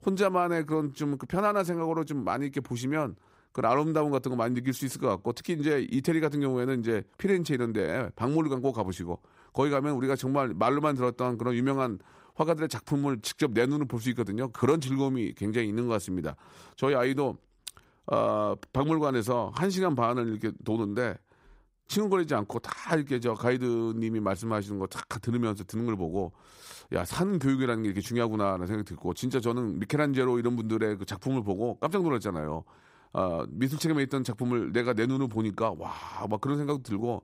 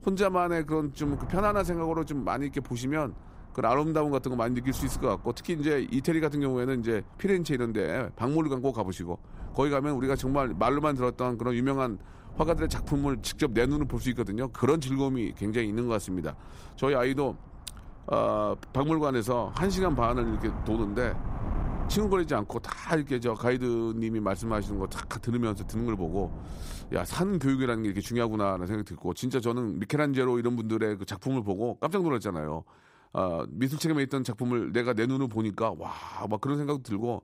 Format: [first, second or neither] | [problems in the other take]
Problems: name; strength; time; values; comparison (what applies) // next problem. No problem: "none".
first | wind noise on the microphone; occasional gusts; until 29 s; 20 dB below the speech